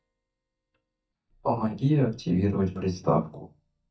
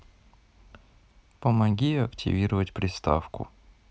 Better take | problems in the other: second | noise reduction (neural mask model DeepFilterNet 3)

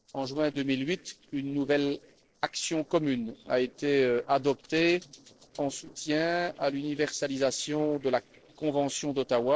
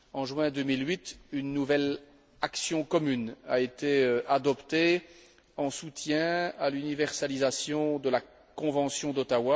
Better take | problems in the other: second | noise reduction (neural separator model SepFormer DNS4)

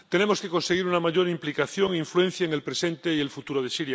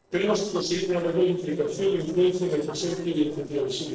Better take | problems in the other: first | noise reduction (neural separator model SepFormer DNS4)

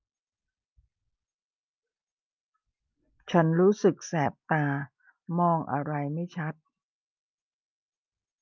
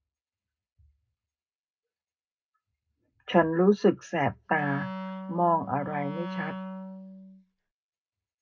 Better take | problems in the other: first | background sound (Wind instrument, woodwind instrument); 8 dB below the speech // room echo; dies away in 0.2 s

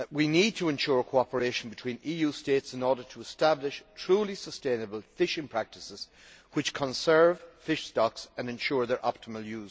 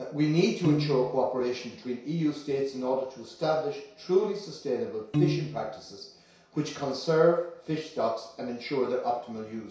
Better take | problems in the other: first | background sound (Piano); 1 dB below the speech // room echo; dies away in 0.6 s

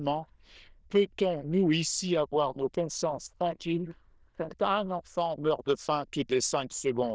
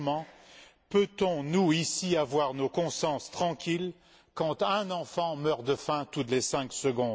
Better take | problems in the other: second | noise reduction (neural diffusion model UNIVERSE++)

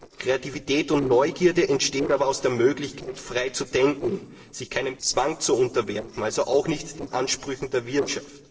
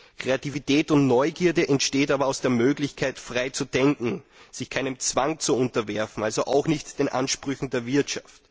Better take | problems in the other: second | noise reduction (neural separator model SepFormer DNS4)

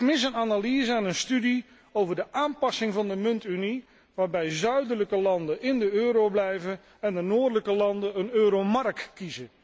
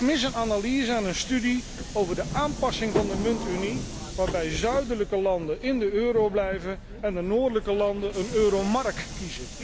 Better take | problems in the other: first | background sound (Subway, metro, underground); 9 dB below the speech

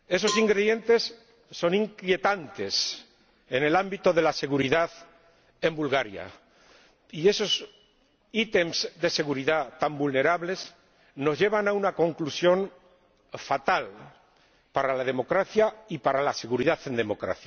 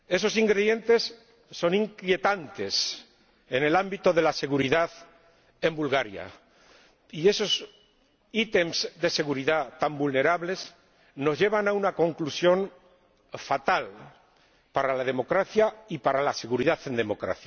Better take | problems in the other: second | background sound (Cowbell); 12 dB below the speech

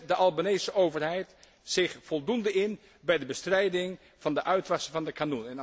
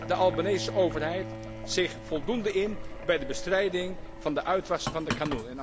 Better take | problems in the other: first | background sound (Boiling + Bowed string instrument); 7 dB below the speech

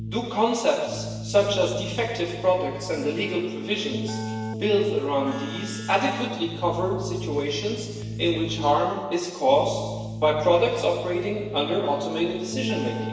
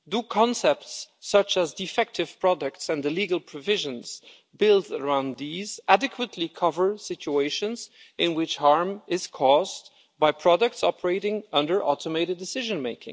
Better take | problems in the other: second | background sound (Keyboard (musical)); 8 dB below the speech // room echo; dies away in 1.3 s

